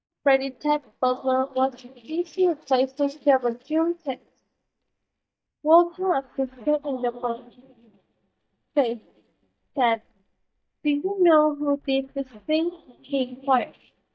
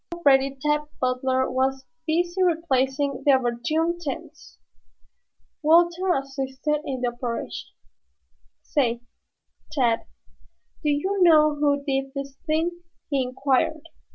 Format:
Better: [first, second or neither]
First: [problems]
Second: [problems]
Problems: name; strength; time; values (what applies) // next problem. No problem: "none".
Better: second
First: noise reduction (neural mask model DeepFilterNet 3)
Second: none